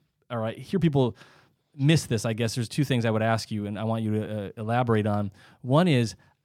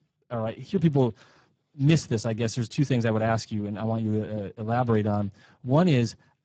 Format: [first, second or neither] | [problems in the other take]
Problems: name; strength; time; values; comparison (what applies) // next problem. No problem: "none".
first | garbled, watery; badly; nothing above 7.5 kHz